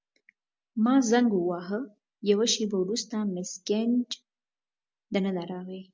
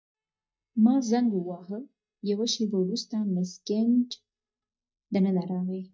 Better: first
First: none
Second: noise reduction (neural mask model DeepFilterNet 3)

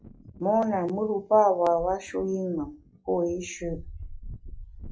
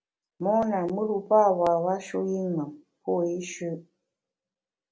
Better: second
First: noise reduction (classical method log-MMSE)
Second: none

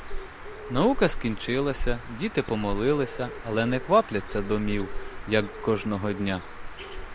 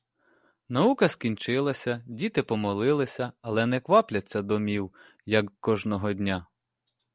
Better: second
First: background sound (Bird); 6 dB below the speech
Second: none

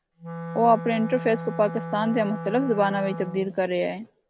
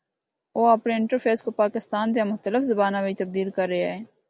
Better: second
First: background sound (Wind instrument, woodwind instrument); 10 dB below the speech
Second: none

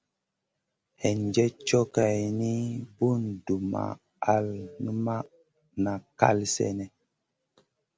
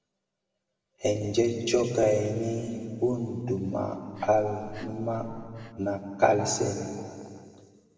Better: first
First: none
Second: background sound (Breathing); 17 dB below the speech // room echo; dies away in 2.2 s

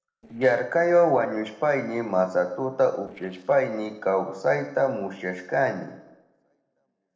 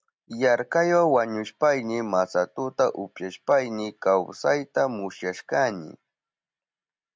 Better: second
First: noise reduction (neural separator model SepFormer DNS4)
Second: none

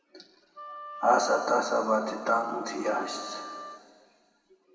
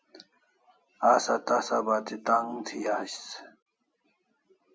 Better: second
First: background sound (Wind instrument, woodwind instrument); 15 dB below the speech // room echo; dies away in 2.3 s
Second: none

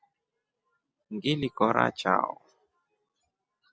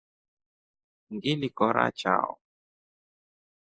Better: first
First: none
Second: noise reduction (neural mask model Resemble Enhance denoiser)

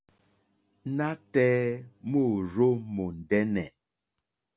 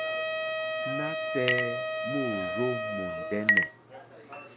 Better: first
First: none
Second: background sound (Chink, clink + Wind instrument, woodwind instrument); 5 dB above the speech

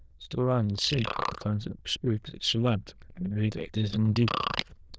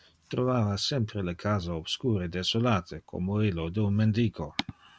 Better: second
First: noise reduction (neural diffusion model UNIVERSE++)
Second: none

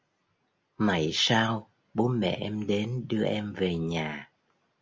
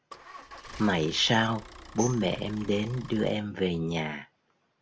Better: first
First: none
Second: background sound (Tambourine + Idling / Engine starting / Motor vehicle (road)); 15 dB below the speech

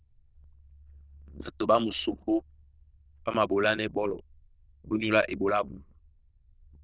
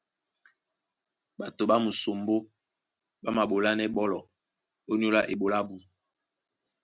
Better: second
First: noise reduction (neural diffusion model UNIVERSE++)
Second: none

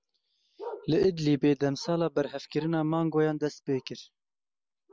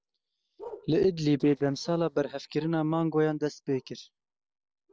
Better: first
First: none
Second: noise reduction (neural separator model SepFormer DNS4)

